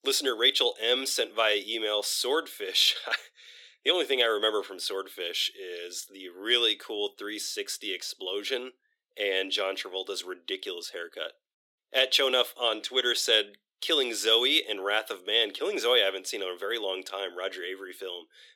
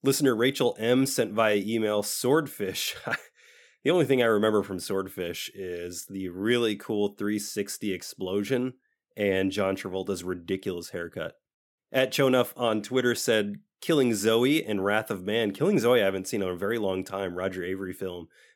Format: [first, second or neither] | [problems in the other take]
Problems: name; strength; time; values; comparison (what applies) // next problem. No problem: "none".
second | thin; very; fading below 350 Hz